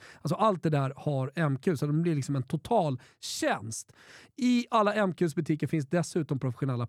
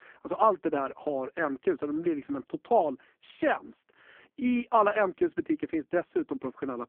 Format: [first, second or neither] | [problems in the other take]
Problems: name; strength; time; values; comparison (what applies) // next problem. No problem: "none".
first | phone-call audio; poor line